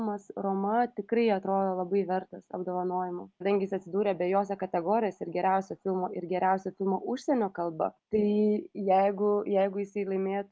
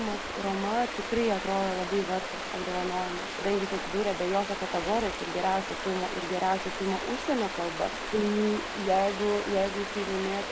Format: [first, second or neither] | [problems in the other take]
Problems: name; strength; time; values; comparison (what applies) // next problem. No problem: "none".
first | background sound (Stream); 5 dB below the speech